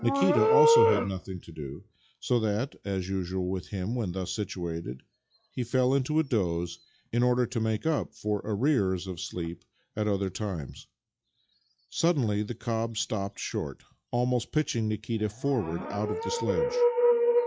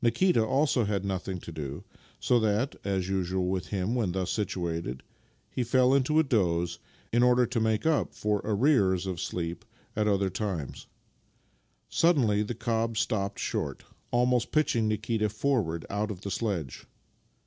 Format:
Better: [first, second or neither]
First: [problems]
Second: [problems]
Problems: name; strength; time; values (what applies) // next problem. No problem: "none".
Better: second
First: noise reduction (classical method log-MMSE)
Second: none